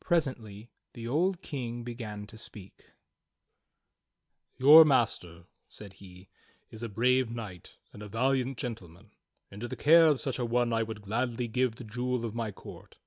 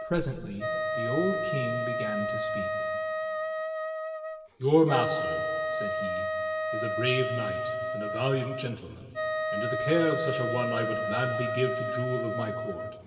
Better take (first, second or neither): first